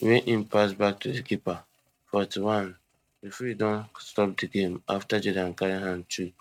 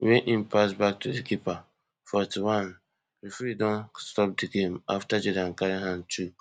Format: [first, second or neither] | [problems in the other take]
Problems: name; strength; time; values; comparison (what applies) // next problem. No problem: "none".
second | noise reduction (neural mask model RNNoise)